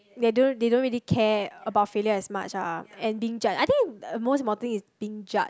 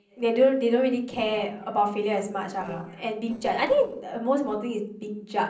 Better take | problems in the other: first | noise reduction (neural separator model SepFormer DNS4)

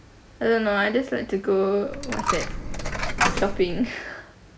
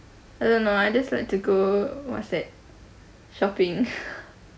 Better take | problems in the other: second | background sound (Coin (dropping)); 1 dB below the speech

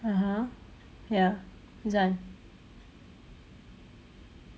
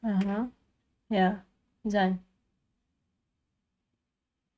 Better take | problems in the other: first | noise reduction (neural mask model RNNoise)

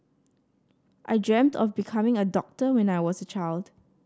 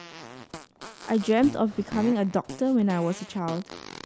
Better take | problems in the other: first | background sound (Fart); 15 dB below the speech

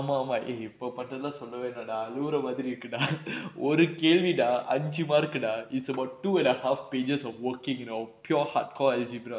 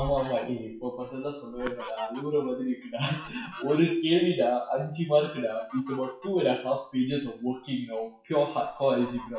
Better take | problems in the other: first | noise reduction (classical method WPE with log-MMSE)

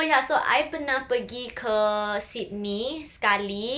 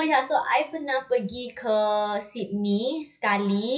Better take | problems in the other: first | noise reduction (classical method WPE with log-MMSE)

